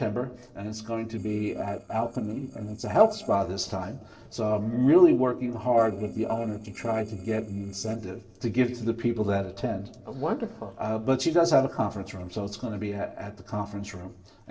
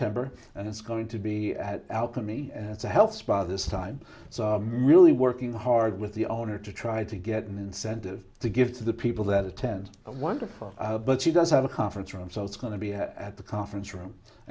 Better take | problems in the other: second | noise reduction (neural separator model SepFormer DNS4)

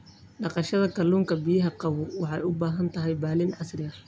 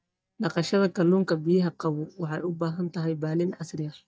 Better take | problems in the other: first | noise reduction (neural mask model DeepFilterNet 3)

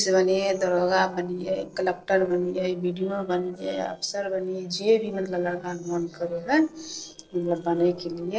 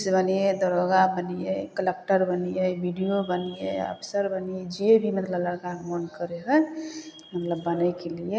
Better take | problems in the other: second | noise reduction (neural separator model SepFormer DNS4)

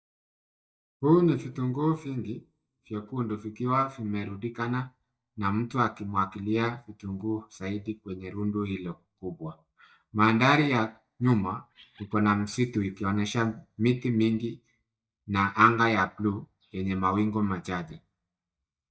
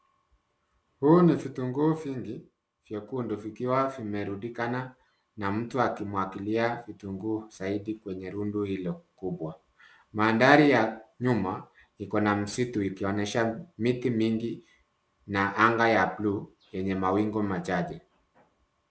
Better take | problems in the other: second | noise reduction (neural mask model DeepFilterNet 3)

